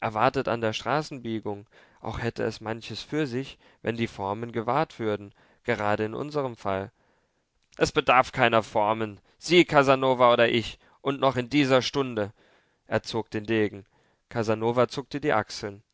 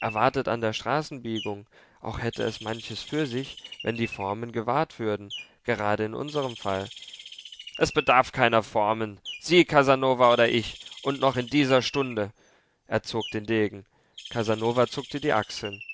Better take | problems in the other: first | background sound (Bird); 18 dB below the speech

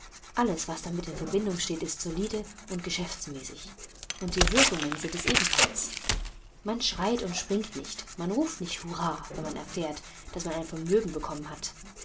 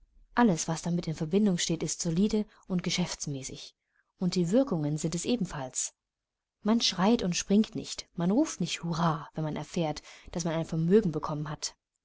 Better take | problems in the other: second | background sound (Tearing); 2 dB below the speech // room echo; dies away in 0.3 s

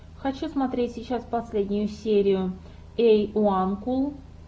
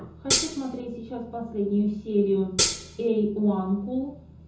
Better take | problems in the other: first | background sound (Hi-hat); 1 dB above the speech // room echo; dies away in 0.5 s

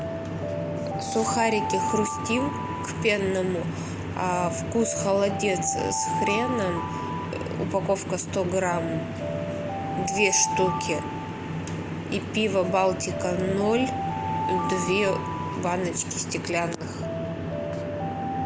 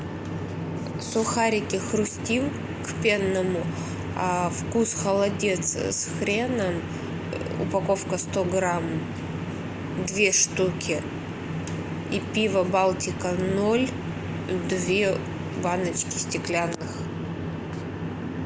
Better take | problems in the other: second | background sound (Alarm); 6 dB below the speech

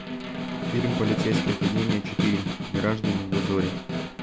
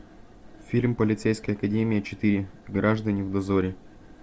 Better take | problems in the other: second | background sound (Snare drum); as loud as the speech

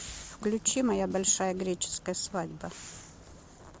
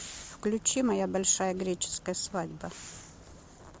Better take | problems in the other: second | background sound (Drum kit); 19 dB below the speech

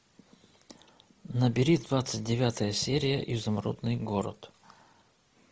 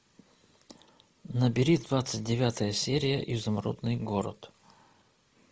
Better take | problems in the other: first | noise reduction (neural mask model Resemble Enhance denoiser)

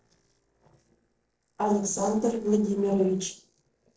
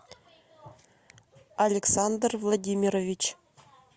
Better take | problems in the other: second | noise reduction (neural separator model SepFormer DNS4)

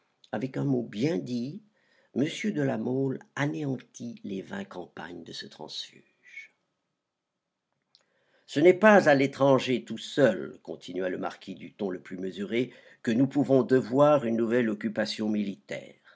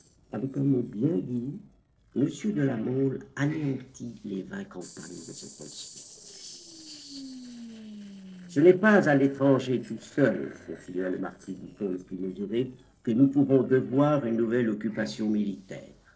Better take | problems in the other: first | noise reduction (neural separator model SepFormer DNS4)

